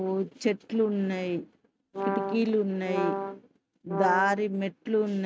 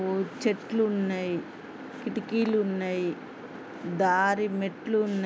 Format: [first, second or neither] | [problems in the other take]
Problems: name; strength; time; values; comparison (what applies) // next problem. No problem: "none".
second | noise reduction (neural mask model RNNoise)